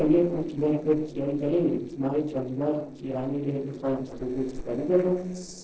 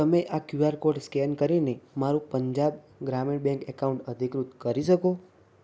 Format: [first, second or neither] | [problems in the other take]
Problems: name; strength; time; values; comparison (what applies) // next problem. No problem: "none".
second | noise reduction (neural separator model SepFormer DNS4)